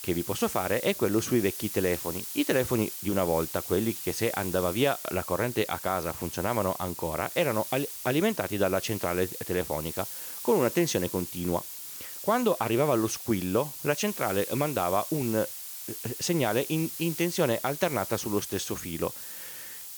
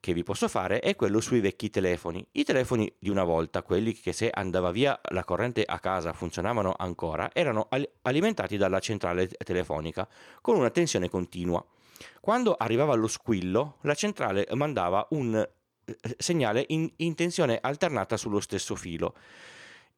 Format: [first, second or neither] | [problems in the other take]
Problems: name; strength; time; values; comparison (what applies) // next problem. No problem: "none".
second | hiss; loud; throughout; 7 dB below the speech